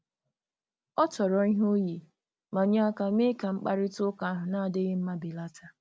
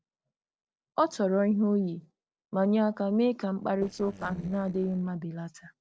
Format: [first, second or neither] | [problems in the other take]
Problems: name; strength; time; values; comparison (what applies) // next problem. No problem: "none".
first | noise reduction (neural separator model SepFormer DNS4)